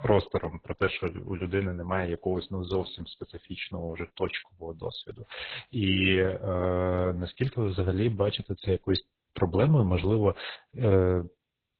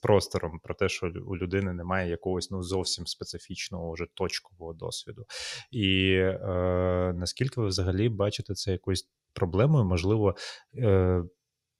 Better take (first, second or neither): second